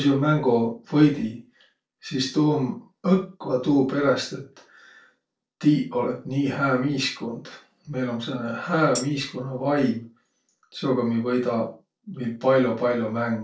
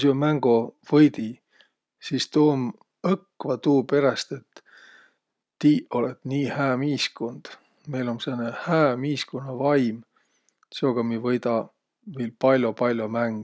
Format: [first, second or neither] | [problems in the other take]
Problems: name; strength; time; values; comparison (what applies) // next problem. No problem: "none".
second | noise reduction (neural separator model SepFormer DNS4)